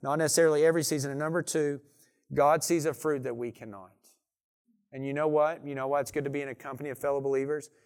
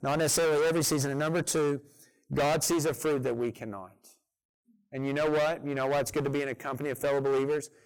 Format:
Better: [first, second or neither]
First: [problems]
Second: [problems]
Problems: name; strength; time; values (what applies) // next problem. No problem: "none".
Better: first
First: none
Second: distortion; heavy; 20% of the sound clipped